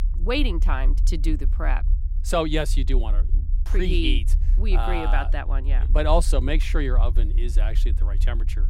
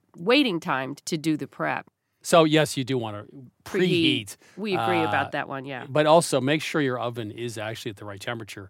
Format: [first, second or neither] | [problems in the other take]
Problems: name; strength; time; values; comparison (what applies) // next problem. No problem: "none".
second | low rumble; noticeable; throughout; 20 dB below the speech